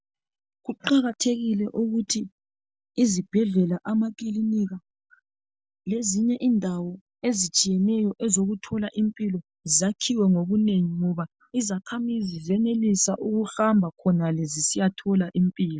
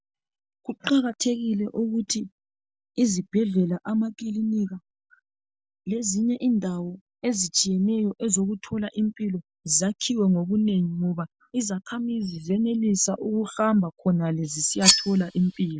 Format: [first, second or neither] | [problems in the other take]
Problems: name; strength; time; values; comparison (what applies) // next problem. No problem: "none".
first | background sound (Cutlery, silverware); as loud as the speech